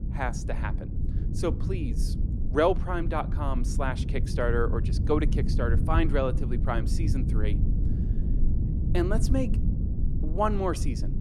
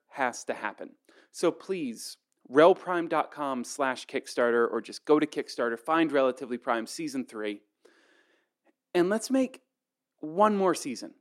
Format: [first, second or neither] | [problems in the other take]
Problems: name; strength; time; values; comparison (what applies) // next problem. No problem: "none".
second | low rumble; noticeable; throughout; 10 dB below the speech